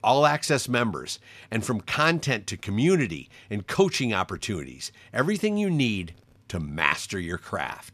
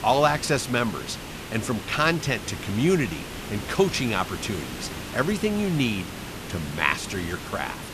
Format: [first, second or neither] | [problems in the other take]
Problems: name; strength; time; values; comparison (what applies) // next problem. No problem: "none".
first | hiss; loud; throughout; 9 dB below the speech